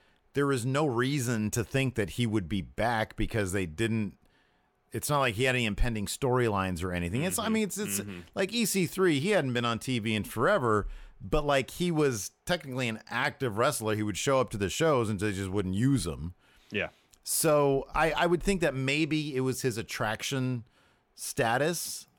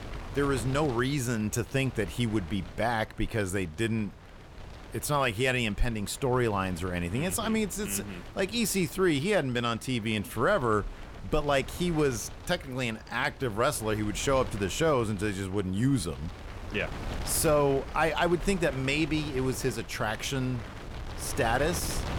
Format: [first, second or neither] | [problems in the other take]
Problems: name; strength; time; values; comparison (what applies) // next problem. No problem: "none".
first | wind noise on the microphone; occasional gusts; 15 dB below the speech